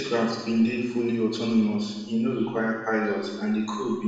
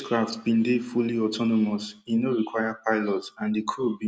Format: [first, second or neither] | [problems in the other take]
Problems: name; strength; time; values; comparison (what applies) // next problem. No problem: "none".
second | room echo; dies away in 1 s